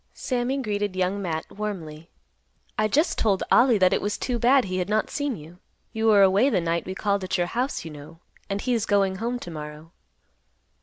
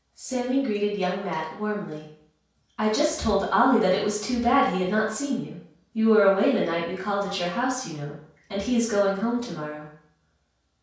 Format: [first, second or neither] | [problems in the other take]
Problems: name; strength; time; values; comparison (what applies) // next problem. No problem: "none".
first | room echo; dies away in 0.5 s